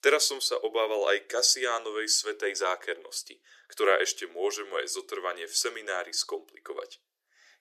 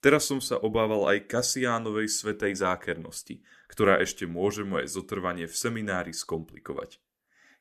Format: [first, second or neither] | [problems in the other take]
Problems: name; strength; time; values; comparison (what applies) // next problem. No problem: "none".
second | thin; very; fading below 350 Hz